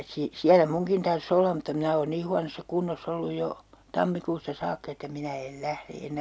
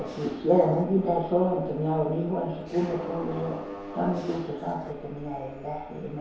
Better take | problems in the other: first | background sound (Mechanisms); 14 dB below the speech // room echo; dies away in 0.9 s

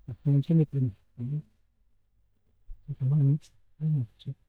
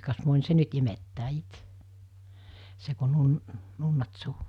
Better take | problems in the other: second | noise reduction (neural mask model DeepFilterNet 3)

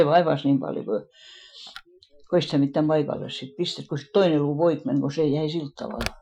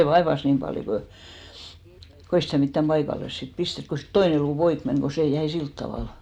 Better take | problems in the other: second | noise reduction (classical method Wiener filter)

